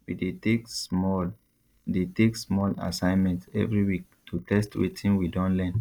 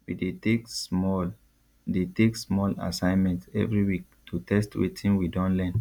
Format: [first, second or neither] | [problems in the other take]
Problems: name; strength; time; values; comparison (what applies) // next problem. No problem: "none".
second | noise reduction (neural mask model Resemble Enhance denoiser)